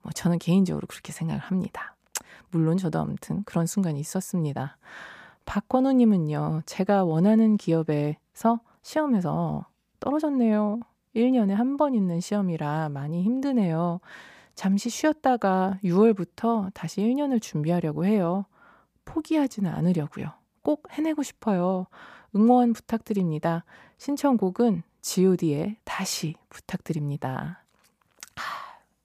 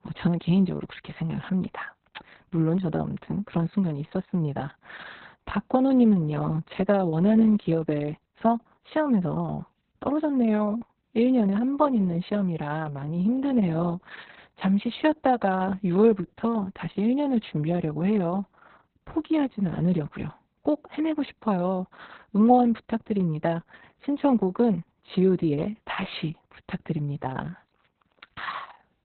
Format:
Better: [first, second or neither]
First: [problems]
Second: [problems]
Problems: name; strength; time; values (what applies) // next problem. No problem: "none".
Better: first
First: none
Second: garbled, watery; badly; nothing above 4 kHz